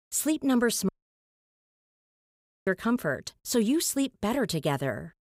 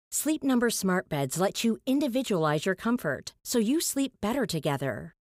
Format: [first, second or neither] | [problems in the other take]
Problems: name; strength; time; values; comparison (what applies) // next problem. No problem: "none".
second | audio cutting out; at 1 s for 2 s